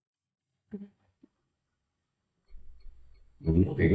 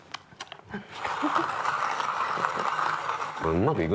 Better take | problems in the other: second | noise reduction (neural mask model DeepFilterNet 3)

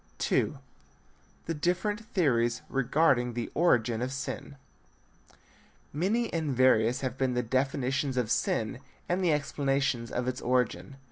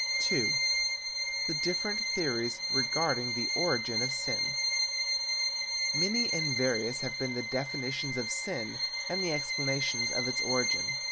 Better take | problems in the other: first | background sound (Bowed string instrument); 4 dB above the speech

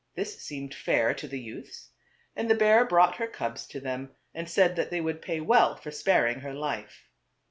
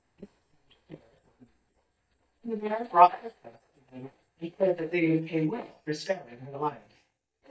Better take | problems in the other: first | noise reduction (neural mask model DeepFilterNet 3)

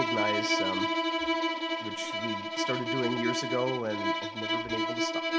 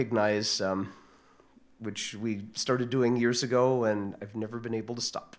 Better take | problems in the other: second | background sound (Bowed string instrument); 4 dB above the speech

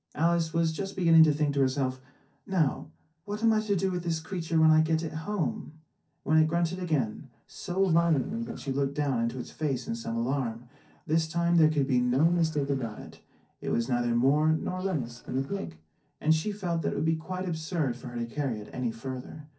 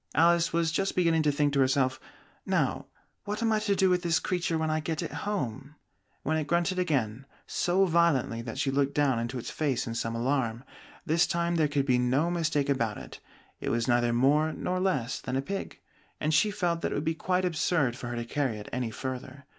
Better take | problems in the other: second | noise reduction (neural separator model SepFormer DNS4)

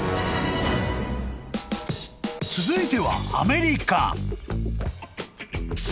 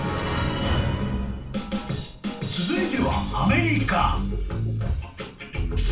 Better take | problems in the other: first | room echo; dies away in 0.3 s

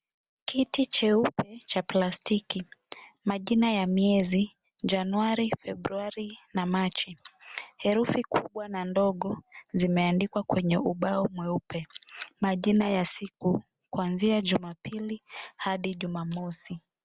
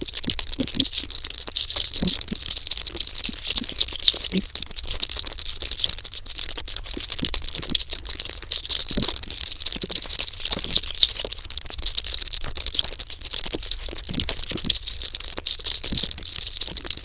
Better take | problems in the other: first | noise reduction (neural diffusion model UNIVERSE++)

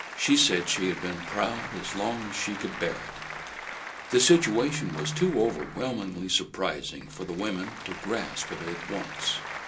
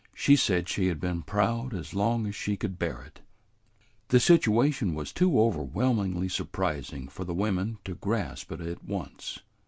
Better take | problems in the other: second | background sound (Applause); 11 dB below the speech // room echo; dies away in 0.2 s

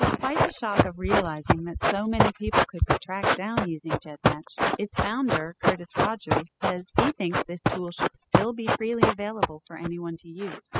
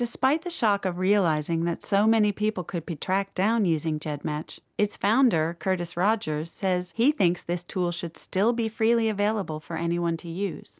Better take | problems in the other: second | noise reduction (classical method spectral subtraction)

